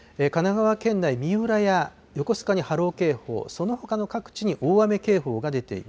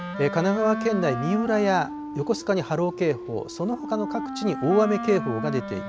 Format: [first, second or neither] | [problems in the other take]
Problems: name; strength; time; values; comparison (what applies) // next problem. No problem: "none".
first | background sound (Wind instrument, woodwind instrument); 8 dB below the speech